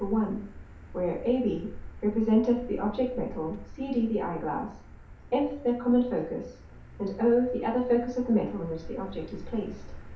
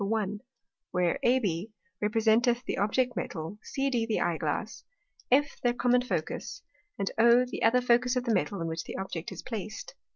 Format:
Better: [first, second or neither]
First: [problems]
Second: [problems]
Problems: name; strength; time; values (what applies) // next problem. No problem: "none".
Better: second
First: background sound (Motor vehicle (road)); 15 dB below the speech // room echo; dies away in 0.5 s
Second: none